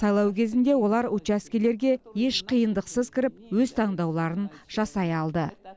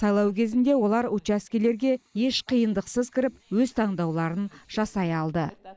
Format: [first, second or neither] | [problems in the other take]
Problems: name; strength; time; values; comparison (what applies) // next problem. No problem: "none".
first | noise reduction (neural mask model Resemble Enhance denoiser)